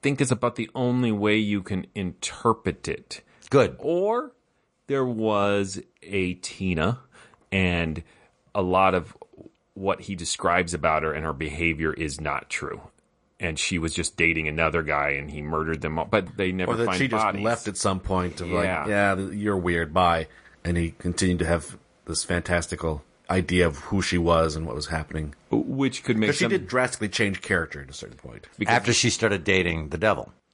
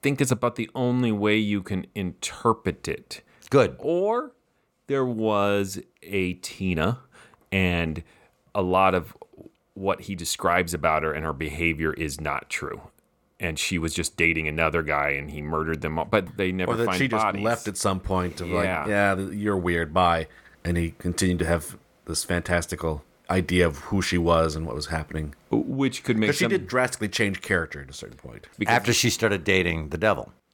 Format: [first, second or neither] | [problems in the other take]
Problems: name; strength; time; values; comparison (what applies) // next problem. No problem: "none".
second | garbled, watery; slightly; nothing above 10.5 kHz